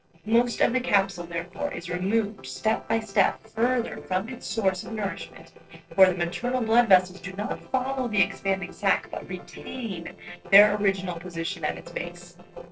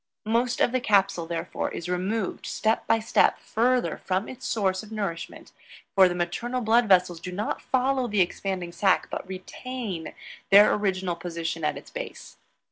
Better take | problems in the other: second | noise reduction (neural separator model SepFormer DNS4)

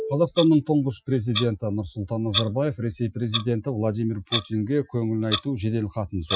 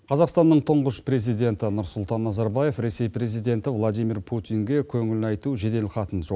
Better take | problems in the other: second | noise reduction (classical method Wiener filter)

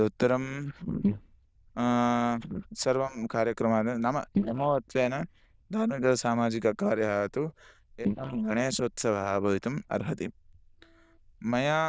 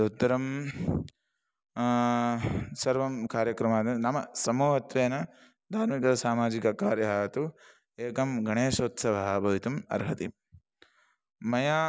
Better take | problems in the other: second | noise reduction (neural diffusion model UNIVERSE++)

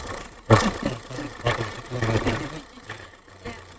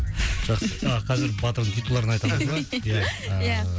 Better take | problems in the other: second | noise reduction (neural mask model RNNoise)

